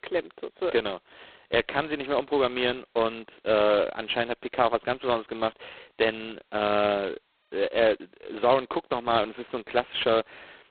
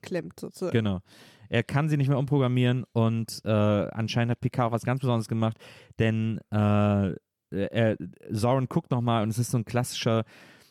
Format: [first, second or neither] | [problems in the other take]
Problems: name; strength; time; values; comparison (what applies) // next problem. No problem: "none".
second | phone-call audio; poor line; nothing above 4 kHz